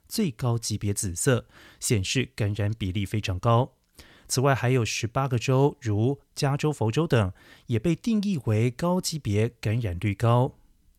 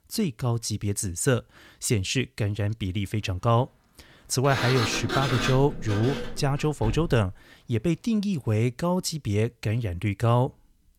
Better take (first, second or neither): first